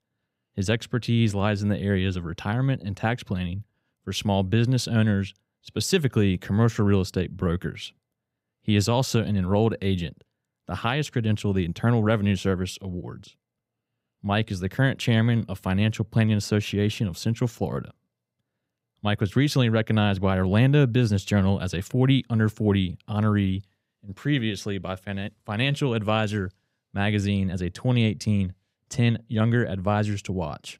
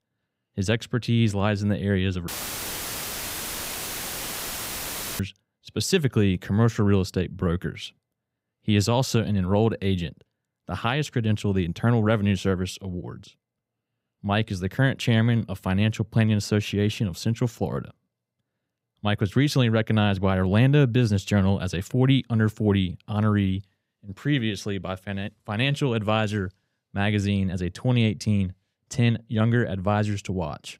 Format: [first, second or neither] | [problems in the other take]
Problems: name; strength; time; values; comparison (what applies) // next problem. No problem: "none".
first | audio cutting out; filled with static; at 2.5 s for 3 s